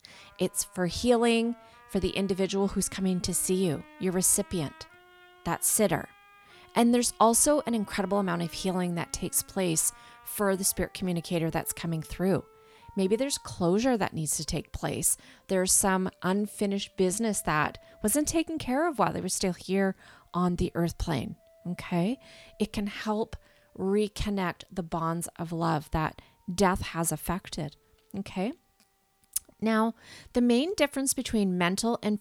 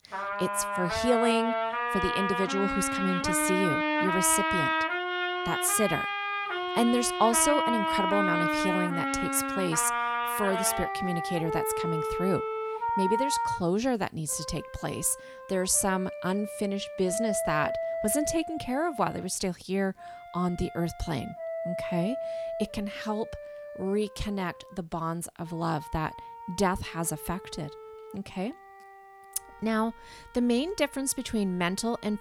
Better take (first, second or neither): first